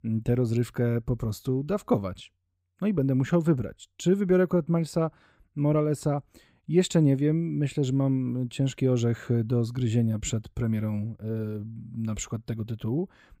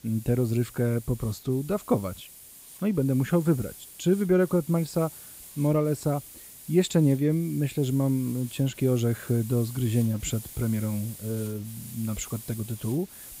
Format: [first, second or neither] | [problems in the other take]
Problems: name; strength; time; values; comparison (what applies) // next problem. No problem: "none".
first | hiss; noticeable; throughout; 15 dB below the speech